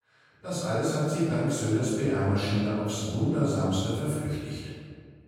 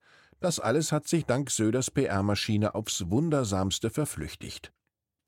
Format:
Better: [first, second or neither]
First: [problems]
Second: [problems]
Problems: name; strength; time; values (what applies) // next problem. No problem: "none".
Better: second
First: off-mic speech; far // room echo; strong; dies away in 1.8 s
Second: none